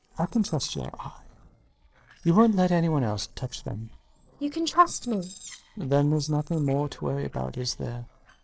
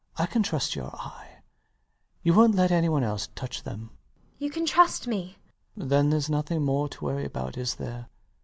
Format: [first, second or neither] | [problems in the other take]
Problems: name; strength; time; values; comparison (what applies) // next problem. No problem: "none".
second | noise reduction (neural separator model SepFormer DNS4)